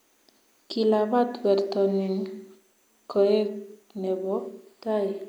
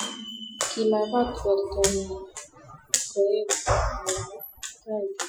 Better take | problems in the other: first | noise reduction (classical method Wiener filter)

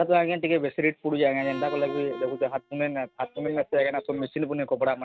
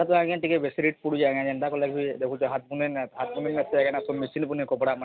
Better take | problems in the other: second | noise reduction (neural mask model RNNoise)

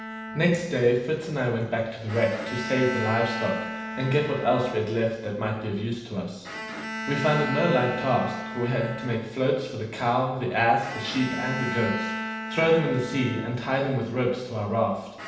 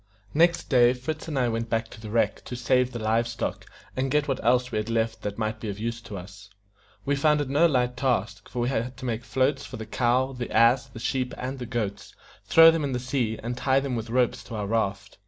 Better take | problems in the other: second | background sound (Bowed string instrument); 9 dB below the speech // room echo; dies away in 0.9 s

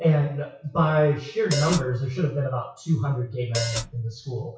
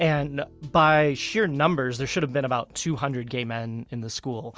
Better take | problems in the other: second | noise reduction (classical method WPE with log-MMSE)

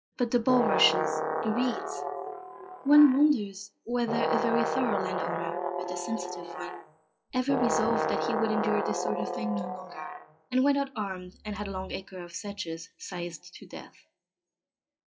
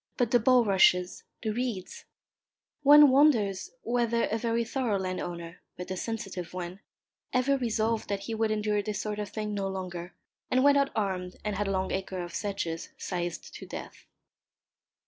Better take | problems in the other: second | noise reduction (classical method WPE with log-MMSE)

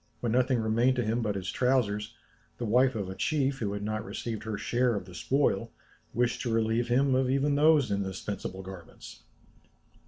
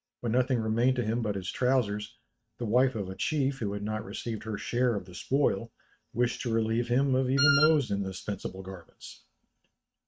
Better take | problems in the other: first | noise reduction (neural mask model RNNoise)

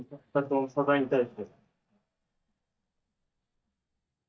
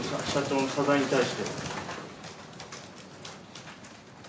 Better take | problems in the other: second | noise reduction (neural mask model DeepFilterNet 3)

